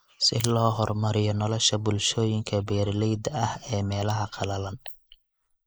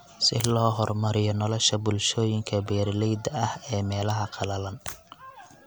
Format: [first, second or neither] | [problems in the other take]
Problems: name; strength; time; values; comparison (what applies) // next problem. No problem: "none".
second | noise reduction (neural mask model Resemble Enhance denoiser)